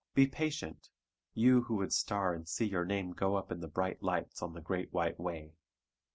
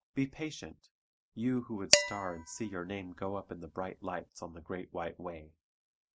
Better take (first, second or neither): first